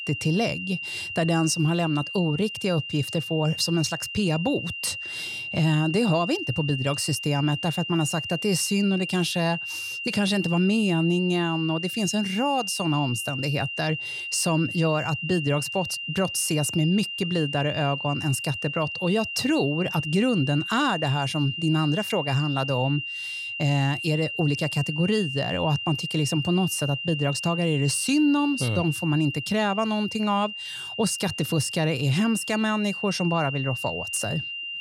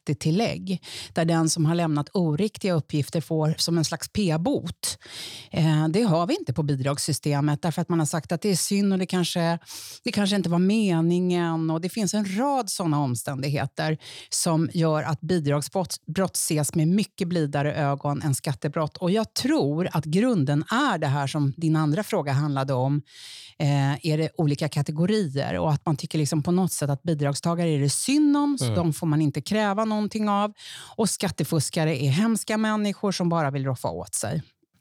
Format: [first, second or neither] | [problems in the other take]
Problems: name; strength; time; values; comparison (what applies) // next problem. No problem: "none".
second | high-pitched whine; loud; throughout; 3 kHz, 6 dB below the speech